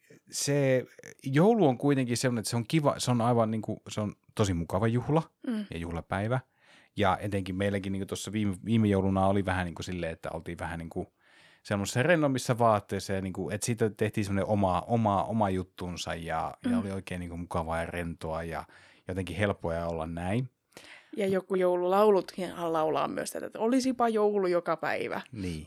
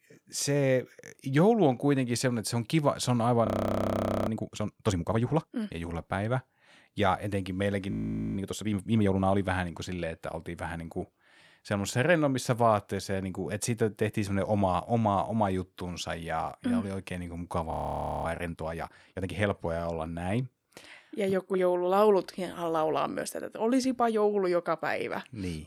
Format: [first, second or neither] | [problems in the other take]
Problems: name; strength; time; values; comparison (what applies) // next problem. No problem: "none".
first | audio freezing; at 3.5 s for 1 s, at 8 s and at 18 s for 0.5 s